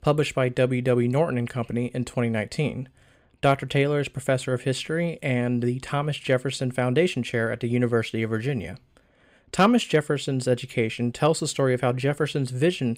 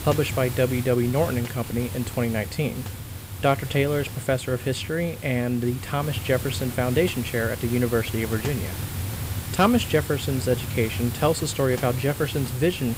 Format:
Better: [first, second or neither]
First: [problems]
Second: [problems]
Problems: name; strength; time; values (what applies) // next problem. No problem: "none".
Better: first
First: none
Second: hiss; loud; throughout; 8 dB below the speech